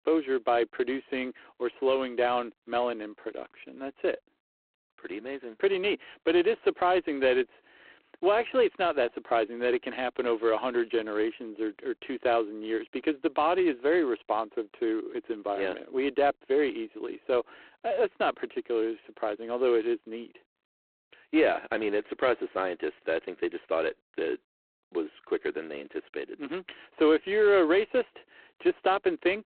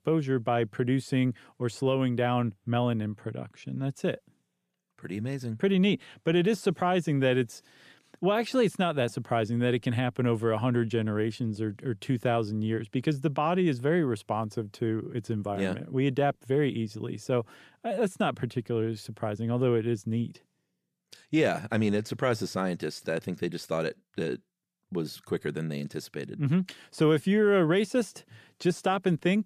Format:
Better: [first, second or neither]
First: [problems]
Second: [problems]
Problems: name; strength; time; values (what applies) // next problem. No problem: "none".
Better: second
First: phone-call audio; poor line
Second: none